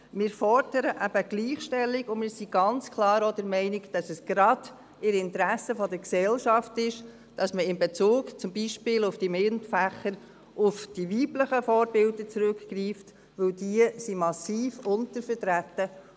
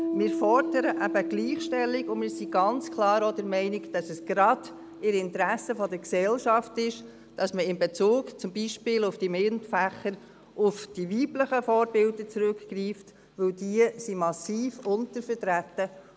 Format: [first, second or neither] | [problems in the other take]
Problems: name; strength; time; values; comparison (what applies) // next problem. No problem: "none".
first | background sound (Piano); 11 dB below the speech